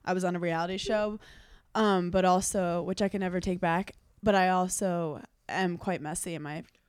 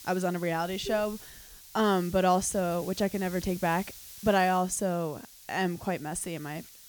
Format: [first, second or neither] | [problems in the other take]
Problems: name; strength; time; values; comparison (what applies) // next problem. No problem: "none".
first | hiss; noticeable; throughout; 15 dB below the speech